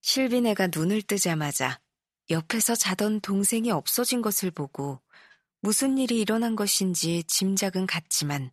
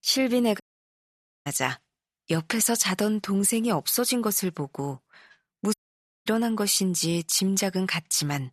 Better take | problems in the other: first | audio cutting out; at 0.5 s for 1 s and at 5.5 s for 0.5 s

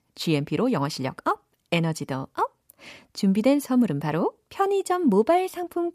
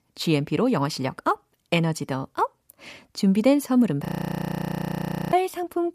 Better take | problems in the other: first | audio freezing; at 4 s for 1.5 s

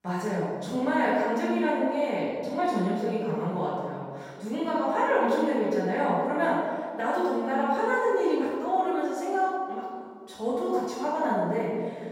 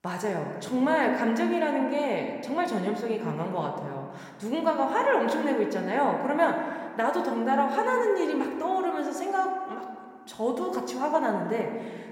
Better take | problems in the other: second | room echo; strong; dies away in 1.6 s; slight in the second // off-mic speech; far

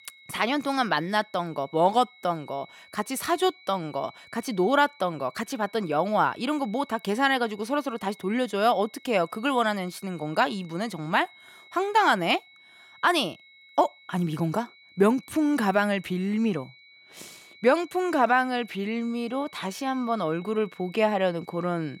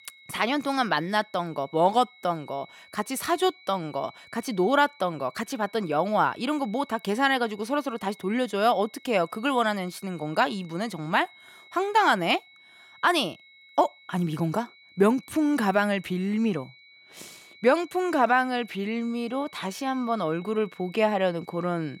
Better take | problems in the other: neither | high-pitched whine; faint; throughout; 2 kHz, 25 dB below the speech; the same in both

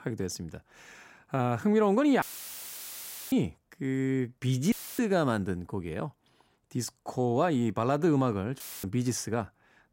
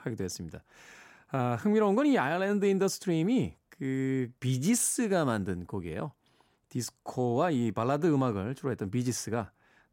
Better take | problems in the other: second | audio cutting out; filled with static; at 2 s for 1 s, at 4.5 s and at 8.5 s

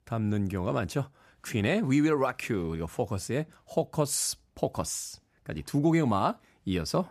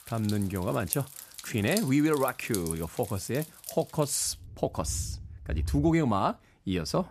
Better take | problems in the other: first | rain or running water; loud; throughout; 9 dB below the speech

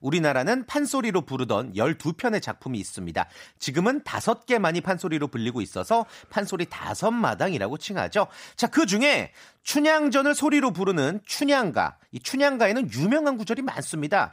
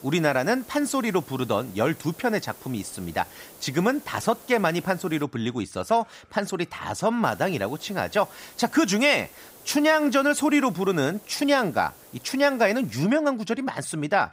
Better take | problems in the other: first | hiss; faint; until 5 s and from 7 to 13 s; 20 dB below the speech

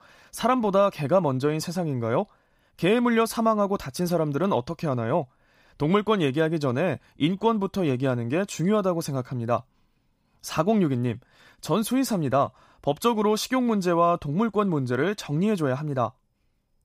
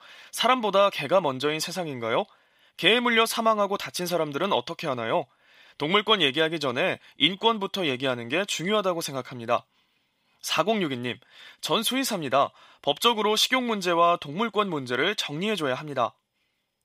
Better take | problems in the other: first | thin; very slightly; fading below 600 Hz

